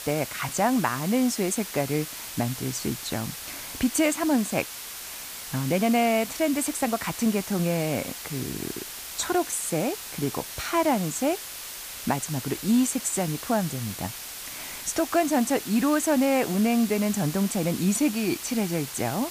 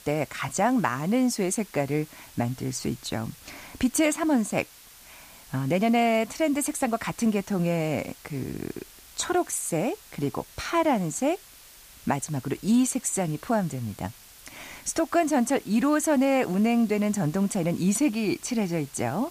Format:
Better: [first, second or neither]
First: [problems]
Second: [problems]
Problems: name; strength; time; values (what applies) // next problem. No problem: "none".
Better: second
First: hiss; loud; throughout; 9 dB below the speech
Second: hiss; faint; throughout; 20 dB below the speech